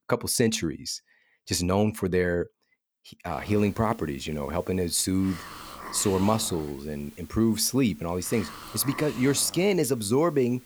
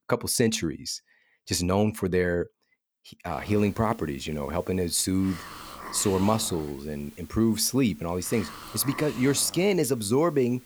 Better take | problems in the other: neither | hiss; noticeable; from 3.5 s on; 15 dB below the speech; the same in both

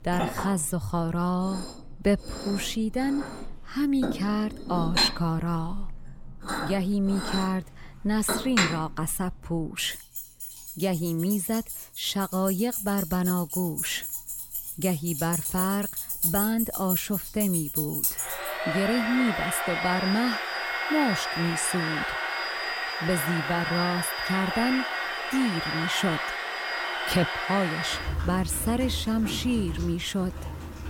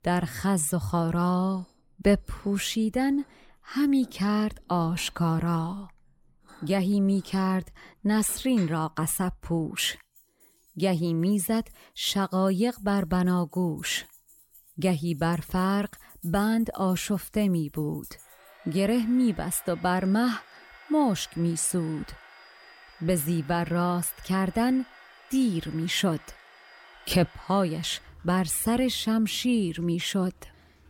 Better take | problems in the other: second | household noises; loud; throughout; 2 dB below the speech; faint in the second

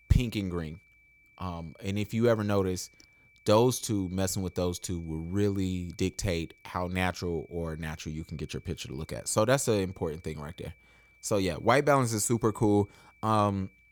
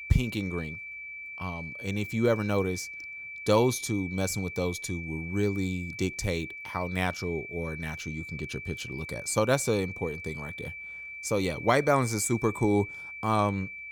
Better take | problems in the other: first | high-pitched whine; loud; throughout; 2.5 kHz, 9 dB below the speech; faint in the first

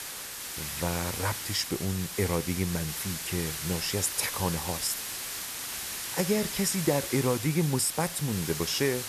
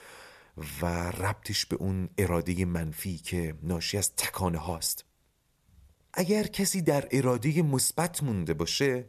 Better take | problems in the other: second | hiss; loud; throughout; 4 dB below the speech

